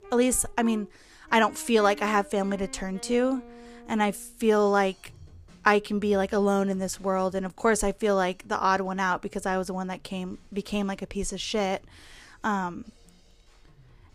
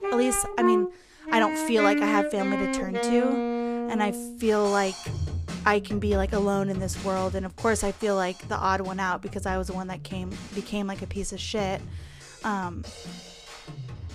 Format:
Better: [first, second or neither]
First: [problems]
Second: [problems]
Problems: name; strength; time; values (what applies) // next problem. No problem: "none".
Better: first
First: background music; faint; throughout; 25 dB below the speech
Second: background music; loud; throughout; 4 dB below the speech